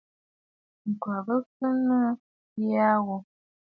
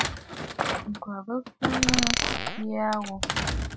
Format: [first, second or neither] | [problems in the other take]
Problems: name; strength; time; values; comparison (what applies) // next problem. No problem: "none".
first | background sound (Glass + Thump, thud); 3 dB above the speech